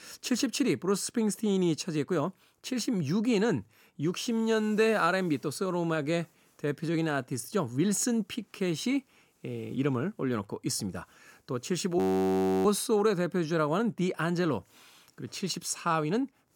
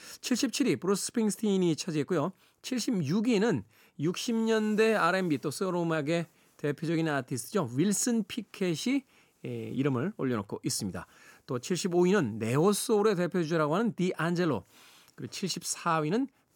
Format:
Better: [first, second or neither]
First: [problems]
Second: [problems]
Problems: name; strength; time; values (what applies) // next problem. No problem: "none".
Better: second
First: audio freezing; at 12 s for 0.5 s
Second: none